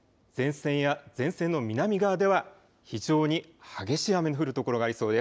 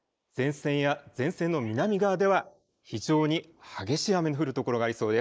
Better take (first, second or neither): first